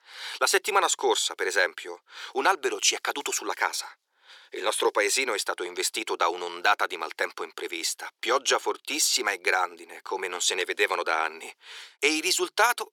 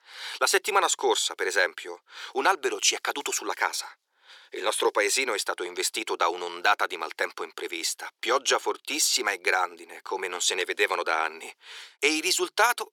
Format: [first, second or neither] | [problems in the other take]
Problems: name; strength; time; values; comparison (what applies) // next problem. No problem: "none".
neither | thin; very; fading below 400 Hz; the same in both